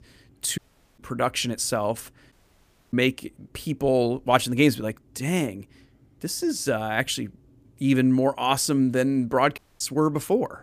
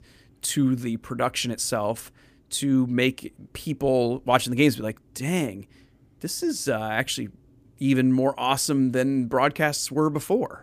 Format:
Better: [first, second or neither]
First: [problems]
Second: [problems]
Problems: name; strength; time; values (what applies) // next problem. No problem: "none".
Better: second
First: audio cutting out; at 0.5 s, at 2.5 s for 0.5 s and at 9.5 s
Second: none